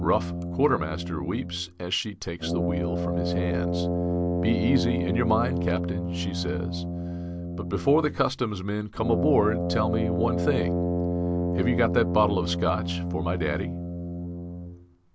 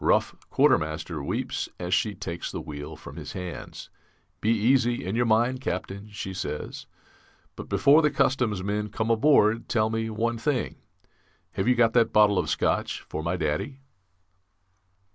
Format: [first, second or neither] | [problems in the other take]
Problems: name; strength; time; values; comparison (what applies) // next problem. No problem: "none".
second | background sound (Brass instrument); as loud as the speech